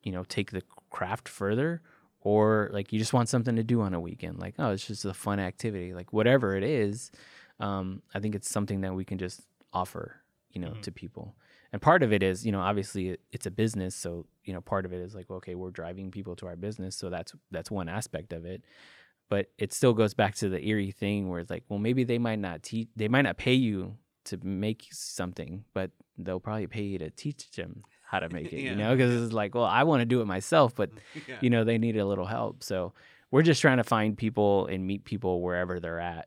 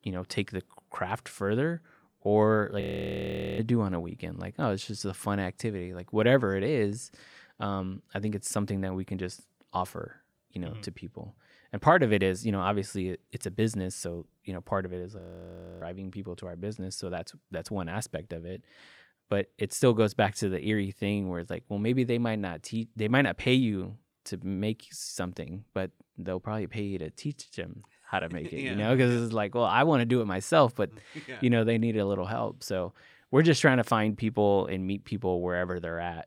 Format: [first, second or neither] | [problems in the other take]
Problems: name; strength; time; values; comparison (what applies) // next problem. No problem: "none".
first | audio freezing; at 3 s for 1 s and at 15 s for 0.5 s